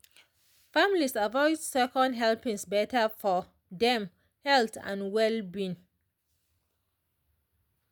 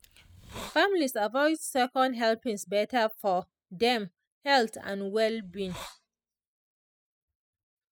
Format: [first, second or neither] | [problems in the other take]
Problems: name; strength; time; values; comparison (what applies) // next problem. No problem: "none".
first | noise reduction (classical method spectral subtraction)